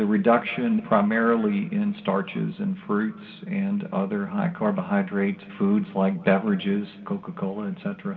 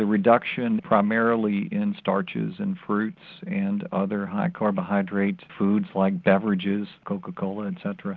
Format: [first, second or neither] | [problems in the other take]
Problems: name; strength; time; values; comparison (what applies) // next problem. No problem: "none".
second | room echo; dies away in 2.3 s